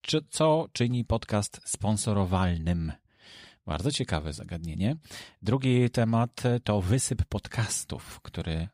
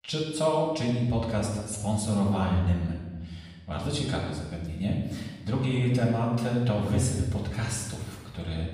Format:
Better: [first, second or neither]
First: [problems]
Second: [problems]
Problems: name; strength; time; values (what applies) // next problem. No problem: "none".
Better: first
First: none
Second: room echo; noticeable; dies away in 1.1 s // off-mic speech; far